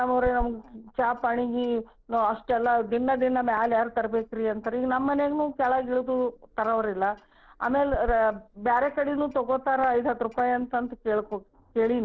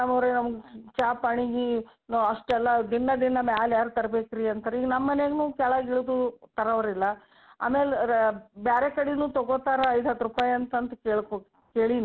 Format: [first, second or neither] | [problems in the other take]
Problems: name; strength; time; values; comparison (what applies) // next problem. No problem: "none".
second | noise reduction (neural separator model SepFormer DNS4)